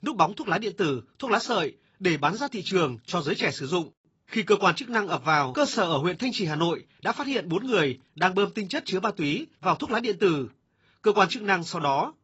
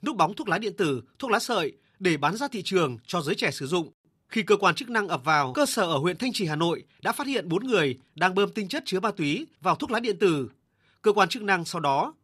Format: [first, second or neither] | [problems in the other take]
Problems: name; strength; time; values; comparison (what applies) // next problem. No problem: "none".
second | garbled, watery; badly; nothing above 7.5 kHz